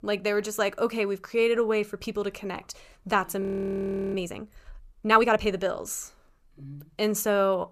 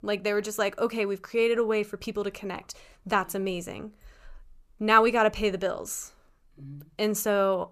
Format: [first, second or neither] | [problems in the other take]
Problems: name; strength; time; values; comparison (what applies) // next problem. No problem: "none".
second | audio freezing; at 3.5 s for 0.5 s